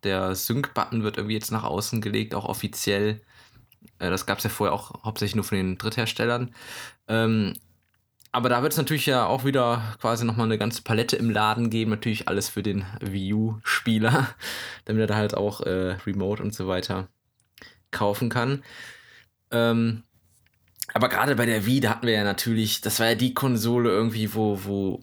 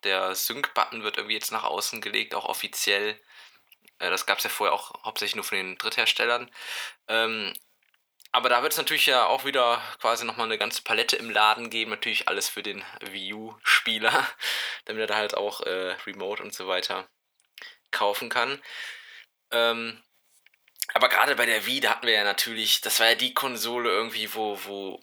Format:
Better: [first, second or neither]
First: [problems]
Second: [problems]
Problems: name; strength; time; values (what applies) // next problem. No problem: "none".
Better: first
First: none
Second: thin; very; fading below 650 Hz